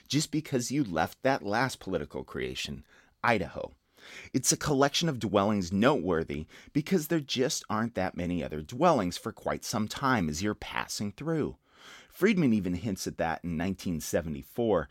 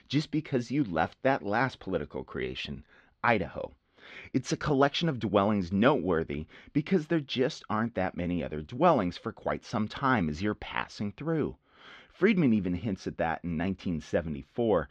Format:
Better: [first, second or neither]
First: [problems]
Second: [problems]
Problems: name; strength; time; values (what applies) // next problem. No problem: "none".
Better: first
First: none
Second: muffled; slightly; fading above 3.5 kHz